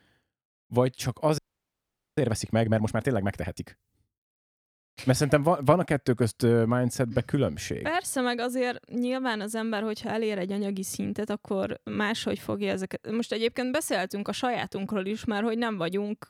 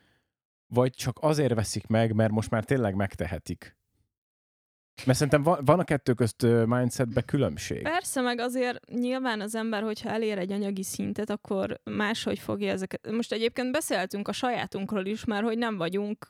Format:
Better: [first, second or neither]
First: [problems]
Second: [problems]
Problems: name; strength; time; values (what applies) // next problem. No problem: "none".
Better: second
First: audio freezing; at 1.5 s for 1 s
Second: none